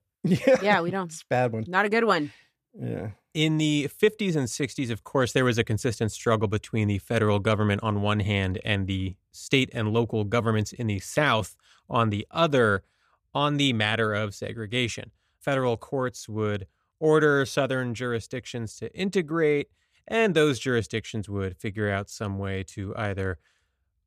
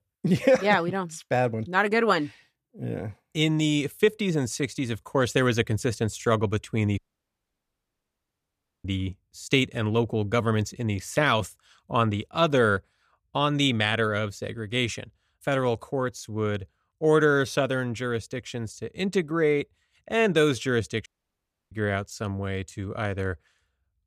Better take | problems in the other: first | audio cutting out; at 7 s for 2 s and at 21 s for 0.5 s

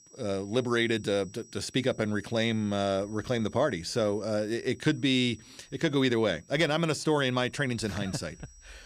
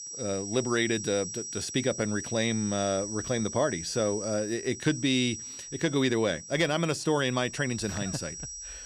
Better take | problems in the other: first | high-pitched whine; loud; throughout; 6 kHz, 9 dB below the speech; faint in the first

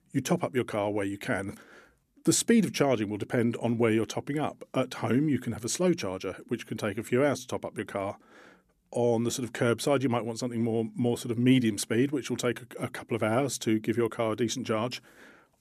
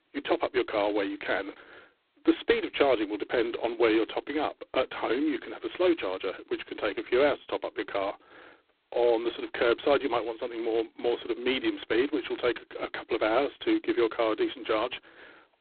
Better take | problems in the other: first | phone-call audio; poor line; nothing above 4 kHz

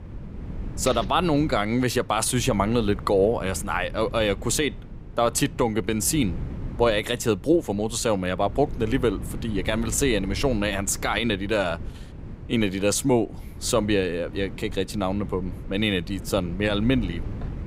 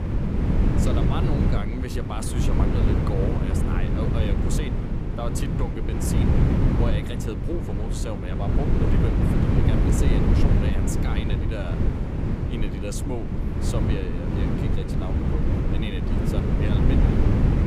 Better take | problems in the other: first | wind noise on the microphone; heavy; 3 dB above the speech; occasional gusts in the first

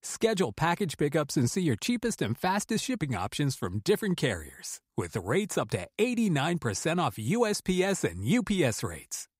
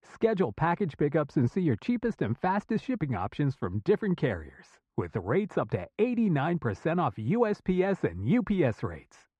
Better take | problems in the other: first | muffled; very; fading above 1.5 kHz

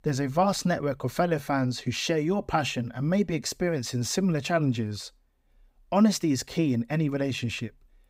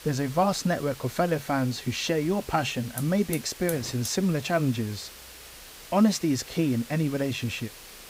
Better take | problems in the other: first | hiss; noticeable; throughout; 15 dB below the speech

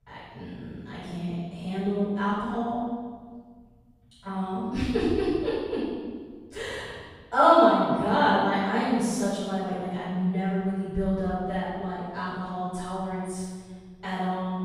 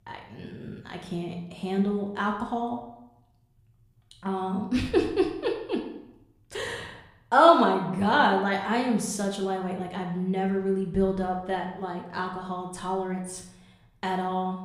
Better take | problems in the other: second | room echo; strong; dies away in 1.6 s; slight in the second // off-mic speech; far; somewhat distant in the second

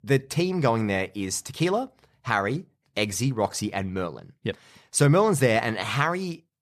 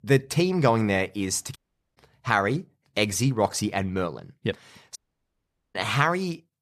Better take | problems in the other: first | audio cutting out; at 1.5 s and at 5 s for 1 s

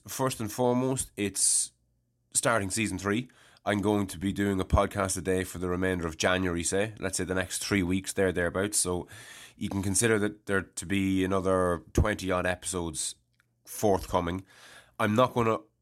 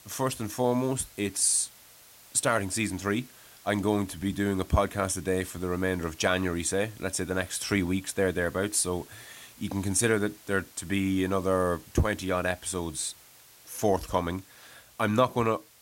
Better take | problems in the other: first | hiss; faint; throughout; 25 dB below the speech

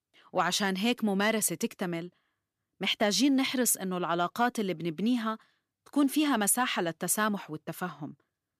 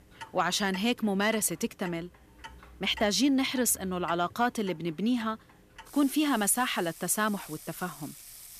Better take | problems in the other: first | household noises; noticeable; throughout; 20 dB below the speech

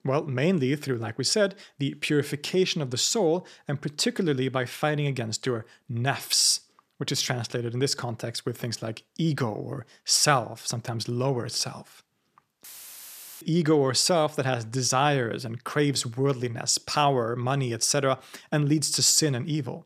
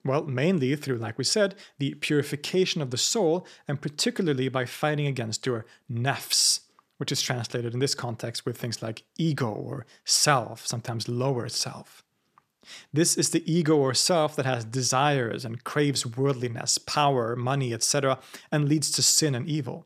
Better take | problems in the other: second | audio cutting out; filled with static; at 13 s for 1 s

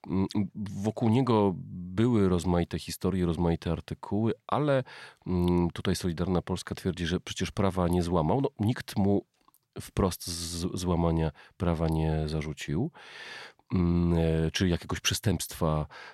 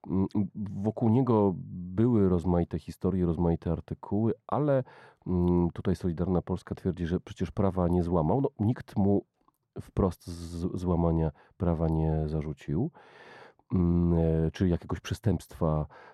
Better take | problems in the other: first | muffled; slightly; fading above 1.5 kHz

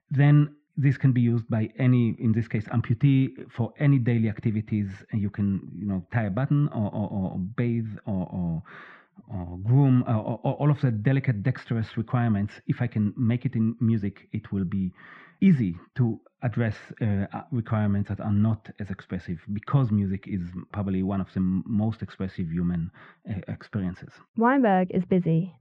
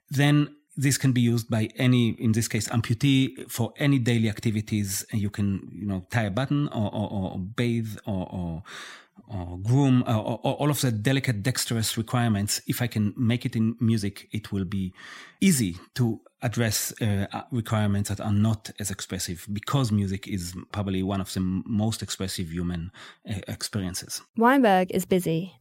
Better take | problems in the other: second | muffled; very; fading above 2 kHz

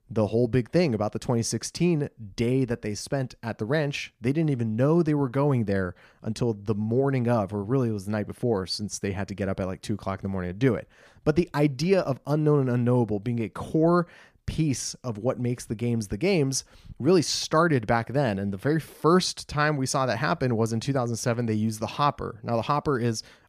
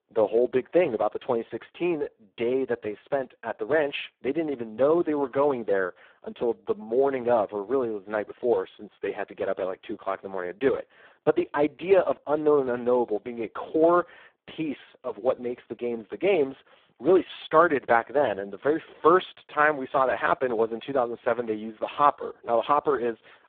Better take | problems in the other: first | phone-call audio; poor line

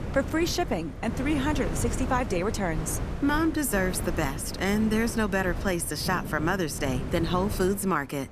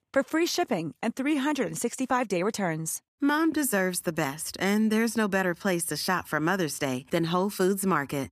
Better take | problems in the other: second | wind noise on the microphone; occasional gusts; 10 dB below the speech

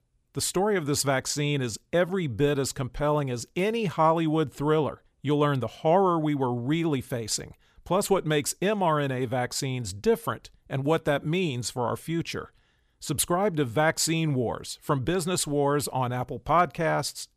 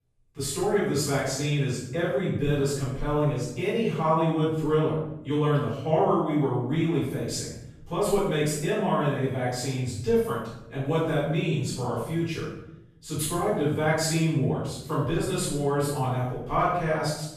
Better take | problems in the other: first | off-mic speech; far // room echo; strong; dies away in 0.8 s

